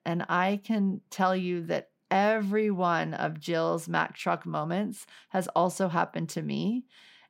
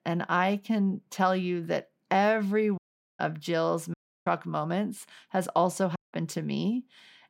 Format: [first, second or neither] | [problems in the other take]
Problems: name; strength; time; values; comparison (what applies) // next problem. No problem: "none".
first | audio cutting out; at 3 s, at 4 s and at 6 s